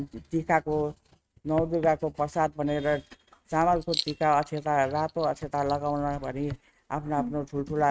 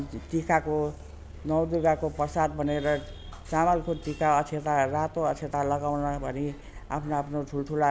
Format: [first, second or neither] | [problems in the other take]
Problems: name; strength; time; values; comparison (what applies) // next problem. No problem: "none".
second | noise reduction (neural mask model RNNoise)